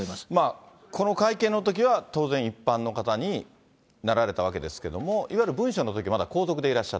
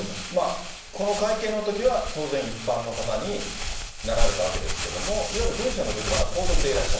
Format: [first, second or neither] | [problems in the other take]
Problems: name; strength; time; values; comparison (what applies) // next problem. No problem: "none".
first | background sound (Crumpling, crinkling); as loud as the speech // room echo; dies away in 0.7 s